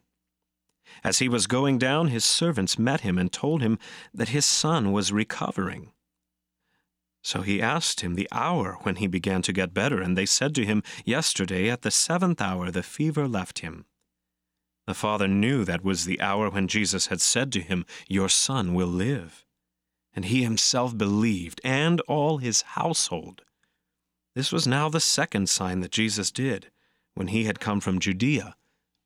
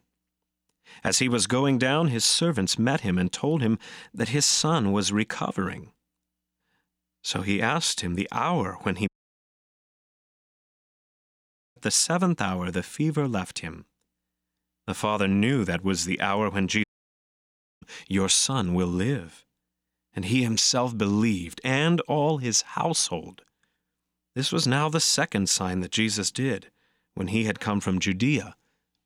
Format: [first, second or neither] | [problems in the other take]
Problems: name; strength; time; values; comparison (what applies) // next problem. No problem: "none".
first | audio cutting out; at 9 s for 2.5 s and at 17 s for 1 s